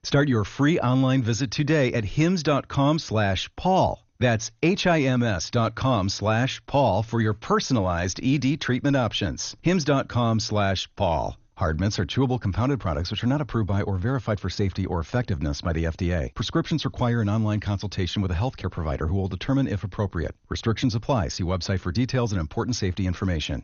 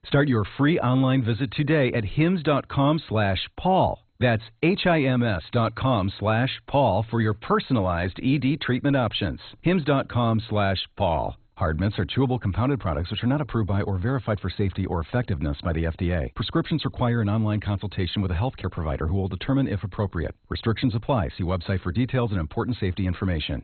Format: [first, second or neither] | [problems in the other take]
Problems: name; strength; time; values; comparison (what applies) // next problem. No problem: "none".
first | garbled, watery; badly; nothing above 4 kHz; slightly in the first